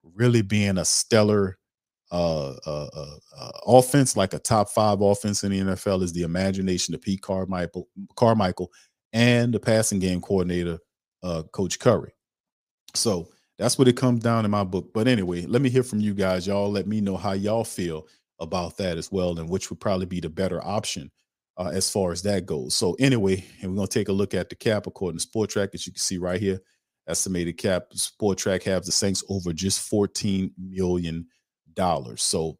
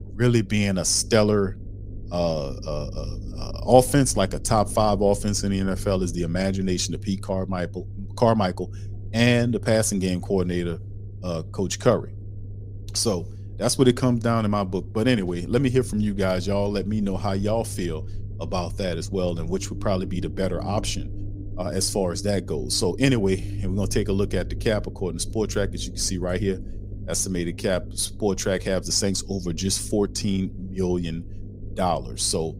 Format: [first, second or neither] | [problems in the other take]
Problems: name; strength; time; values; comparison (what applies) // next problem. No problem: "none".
first | low rumble; faint; throughout; 20 dB below the speech